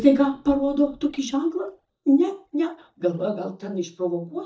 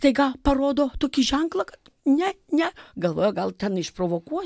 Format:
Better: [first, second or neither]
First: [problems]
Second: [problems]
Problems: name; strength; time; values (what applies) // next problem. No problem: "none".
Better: second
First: noise reduction (neural mask model DeepFilterNet 3)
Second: none